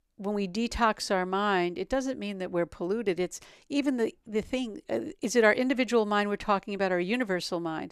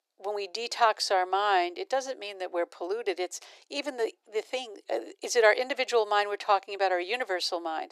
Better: first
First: none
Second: thin; very; fading below 350 Hz

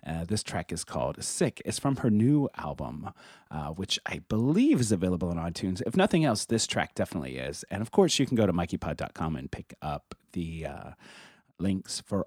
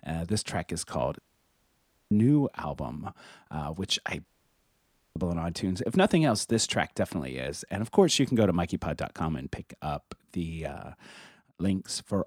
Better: first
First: none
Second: audio cutting out; at 1 s for 1 s and at 4.5 s for 1 s

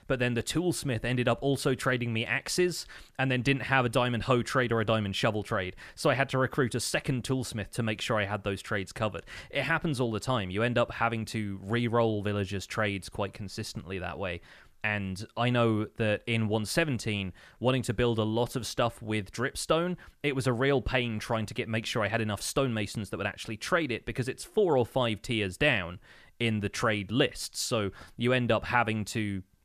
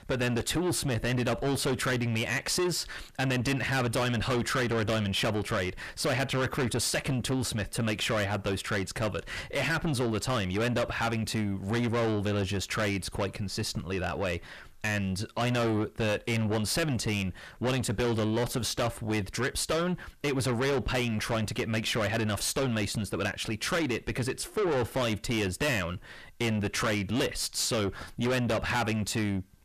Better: first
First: none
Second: distortion; heavy; 6 dB below the speech

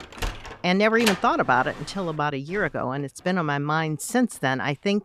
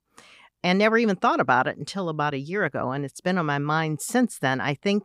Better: second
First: door banging; noticeable; until 1 s; peak 2 dB below the speech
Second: none

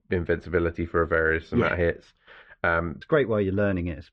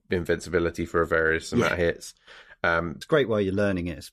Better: second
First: muffled; very; fading above 3 kHz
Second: none

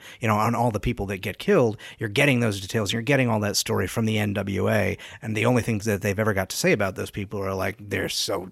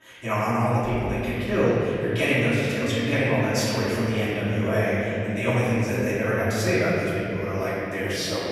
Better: first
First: none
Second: off-mic speech; far // room echo; strong; dies away in 2.9 s

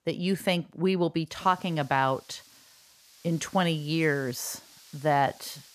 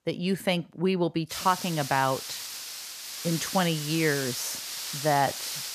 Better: first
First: hiss; faint; from 1.5 s on; 25 dB below the speech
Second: hiss; loud; from 1.5 s on; 6 dB below the speech

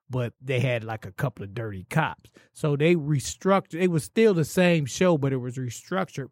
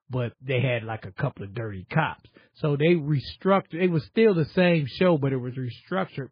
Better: first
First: none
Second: garbled, watery; badly

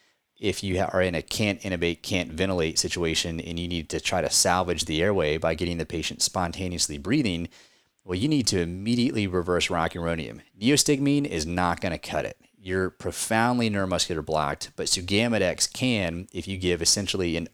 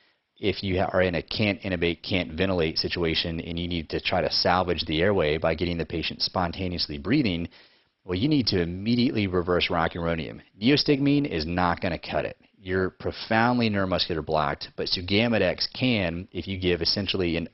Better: first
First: none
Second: garbled, watery; badly; nothing above 5.5 kHz

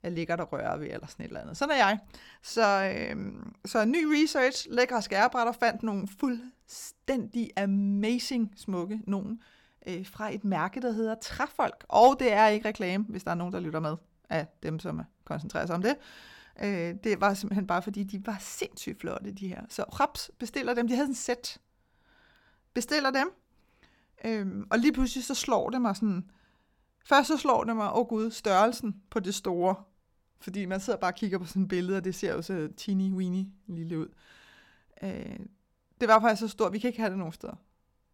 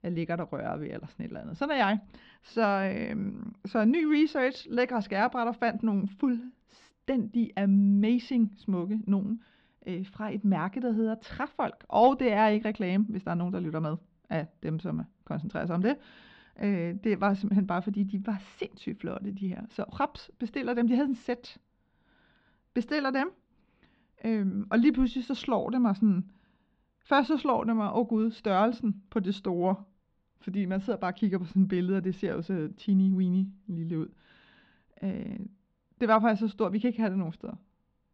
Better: first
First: none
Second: muffled; slightly; fading above 3.5 kHz

